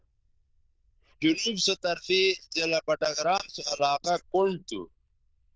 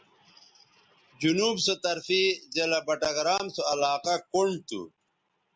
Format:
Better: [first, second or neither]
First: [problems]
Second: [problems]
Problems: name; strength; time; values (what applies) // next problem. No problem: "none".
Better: second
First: noise reduction (neural diffusion model UNIVERSE++)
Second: none